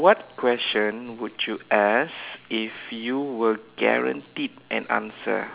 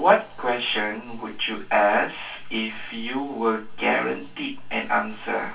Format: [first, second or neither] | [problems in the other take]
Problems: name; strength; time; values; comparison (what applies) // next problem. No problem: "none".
first | room echo; dies away in 0.2 s